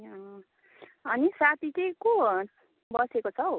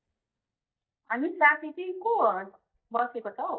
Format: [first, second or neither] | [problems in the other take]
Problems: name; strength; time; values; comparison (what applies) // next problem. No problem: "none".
first | noise reduction (neural mask model DeepFilterNet 3)